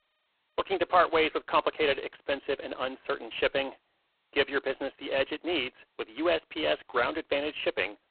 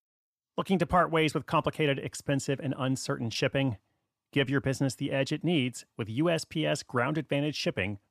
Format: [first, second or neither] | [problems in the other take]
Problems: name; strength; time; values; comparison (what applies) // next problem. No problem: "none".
second | phone-call audio; poor line